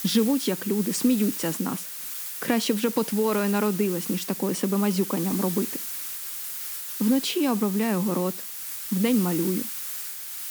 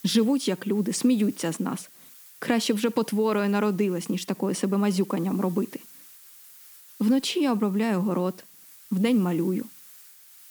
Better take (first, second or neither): second